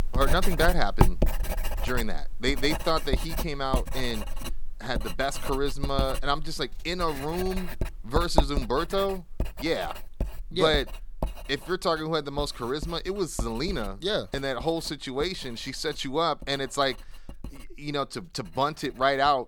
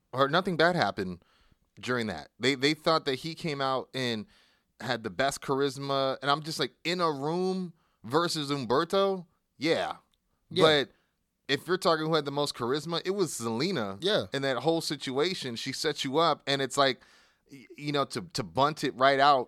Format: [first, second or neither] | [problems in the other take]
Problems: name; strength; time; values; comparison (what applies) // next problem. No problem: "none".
second | household noises; loud; throughout; 5 dB below the speech